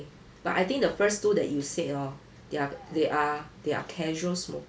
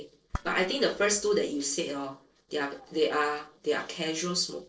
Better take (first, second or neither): first